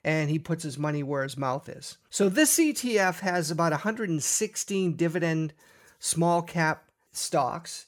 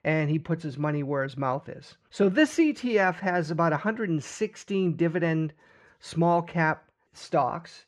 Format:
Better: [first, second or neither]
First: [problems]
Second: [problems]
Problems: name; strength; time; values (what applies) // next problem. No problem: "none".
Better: first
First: none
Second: muffled; slightly; fading above 2.5 kHz